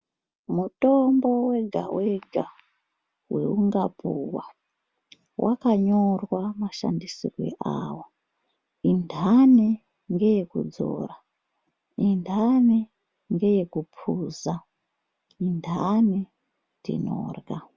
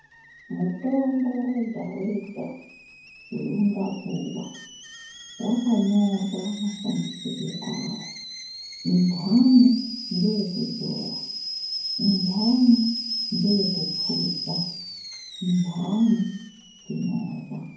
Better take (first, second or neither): first